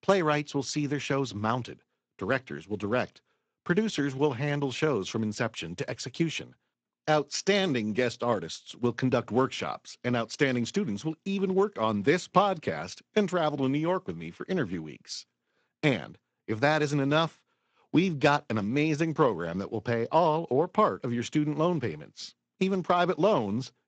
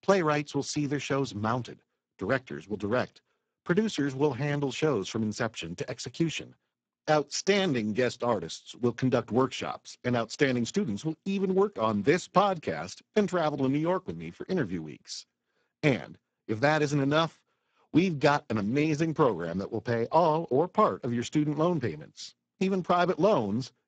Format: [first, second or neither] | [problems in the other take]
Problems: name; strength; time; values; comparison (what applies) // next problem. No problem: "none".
first | garbled, watery; badly; nothing above 7.5 kHz; slightly in the first